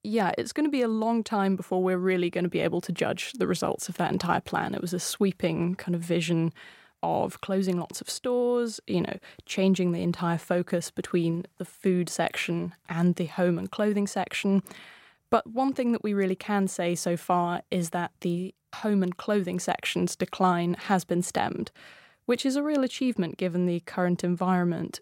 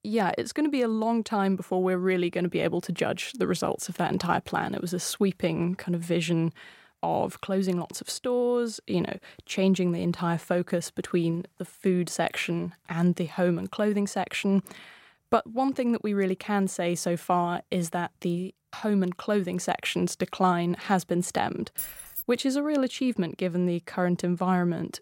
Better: first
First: none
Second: jangling keys; noticeable; at 22 s; peak 6 dB below the speech

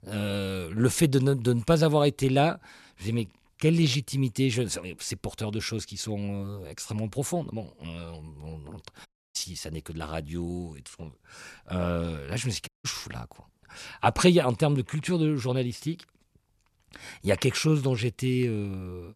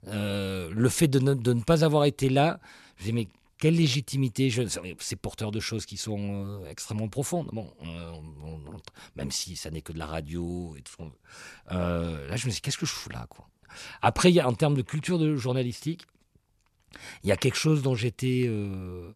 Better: second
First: audio cutting out; at 9 s and at 13 s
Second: none

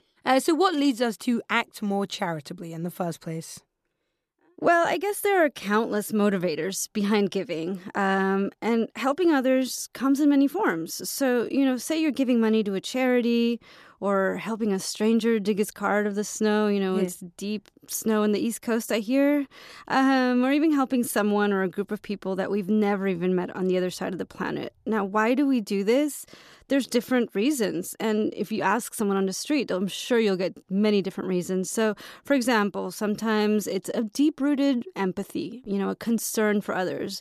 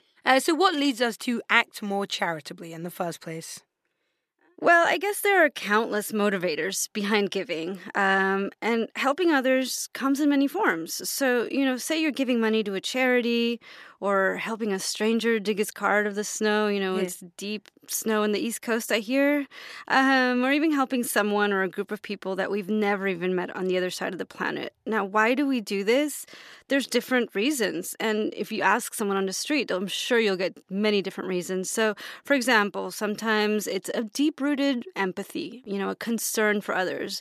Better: first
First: none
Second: thin; very slightly; fading below 600 Hz

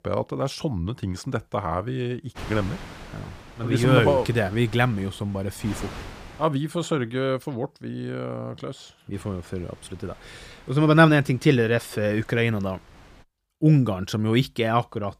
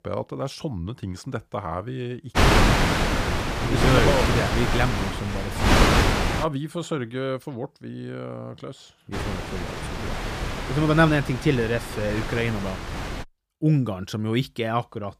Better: first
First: wind noise on the microphone; occasional gusts; from 2.5 to 6.5 s and from 9 to 13 s; 20 dB below the speech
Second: wind noise on the microphone; heavy; from 2.5 to 6.5 s and from 9 to 13 s; 3 dB above the speech

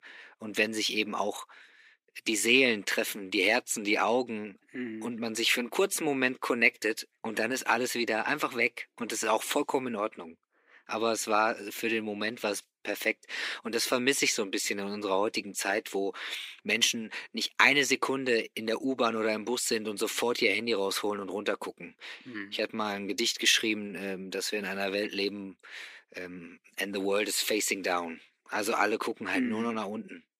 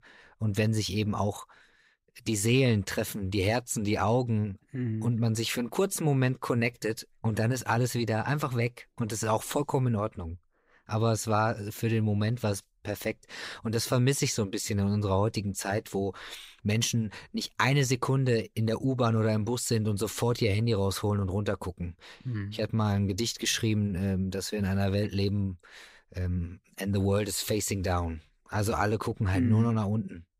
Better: second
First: thin; somewhat; fading below 300 Hz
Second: none

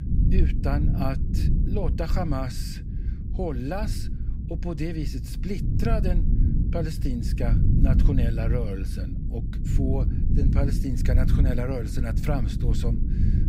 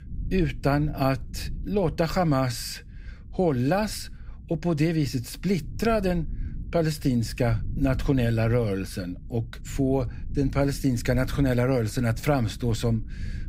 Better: second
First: low rumble; loud; throughout; 5 dB below the speech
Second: low rumble; faint; throughout; 25 dB below the speech

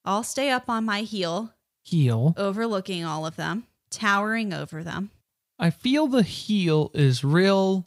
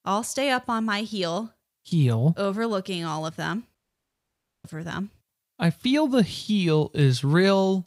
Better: first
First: none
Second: audio cutting out; at 4 s for 1 s

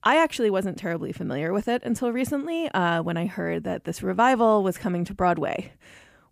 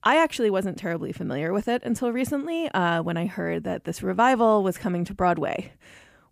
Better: neither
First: none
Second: none

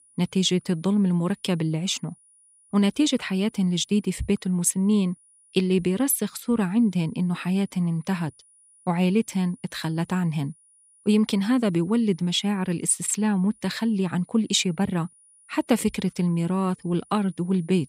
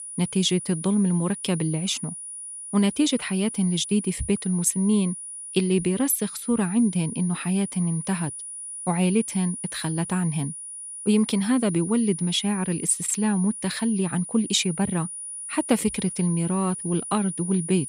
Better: first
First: high-pitched whine; faint; throughout; 9.5 kHz, 30 dB below the speech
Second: high-pitched whine; loud; throughout; 9.5 kHz, 9 dB below the speech

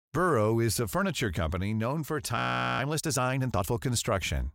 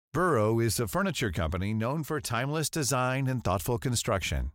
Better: second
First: audio freezing; at 2.5 s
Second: none

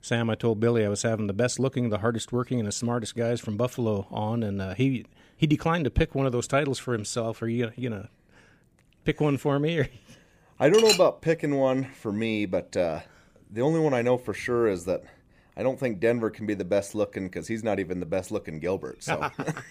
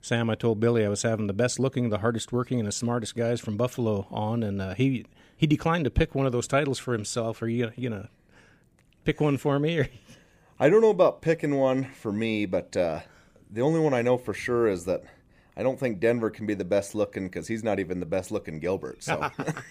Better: second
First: clattering dishes; loud; at 11 s; peak 2 dB above the speech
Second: none

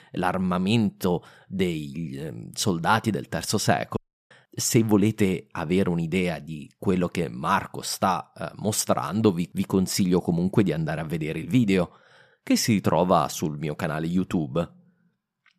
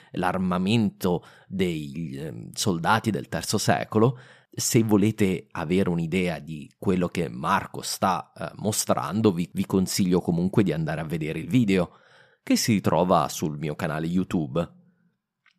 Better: second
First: audio cutting out; at 4 s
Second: none

